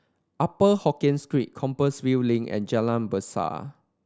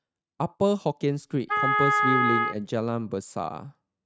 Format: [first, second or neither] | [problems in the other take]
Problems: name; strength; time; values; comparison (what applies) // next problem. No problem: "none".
first | noise reduction (neural mask model RNNoise)